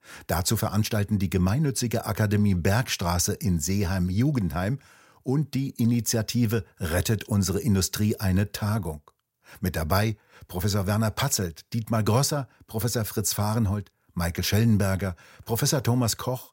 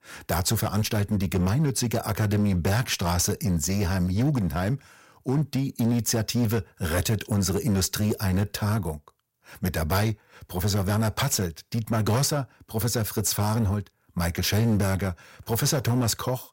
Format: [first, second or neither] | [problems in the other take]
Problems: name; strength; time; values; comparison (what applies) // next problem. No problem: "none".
first | distortion; slight; 10% of the sound clipped